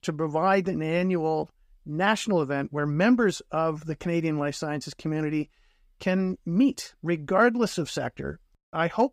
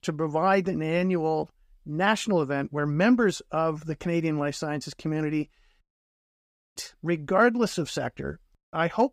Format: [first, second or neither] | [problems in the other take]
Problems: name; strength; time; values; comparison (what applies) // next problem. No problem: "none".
first | audio cutting out; at 6 s for 1 s